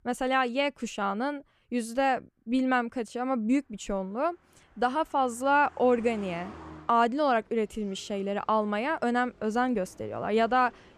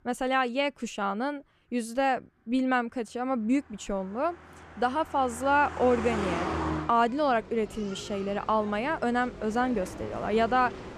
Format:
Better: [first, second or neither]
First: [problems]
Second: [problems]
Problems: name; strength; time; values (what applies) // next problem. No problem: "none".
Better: first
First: traffic noise; faint; throughout; 25 dB below the speech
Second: traffic noise; loud; throughout; 10 dB below the speech